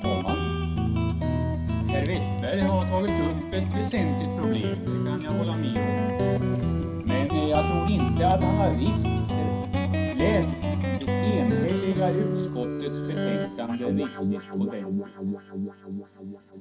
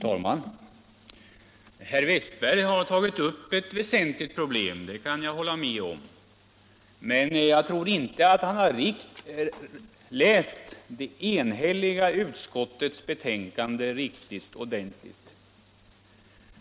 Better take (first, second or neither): second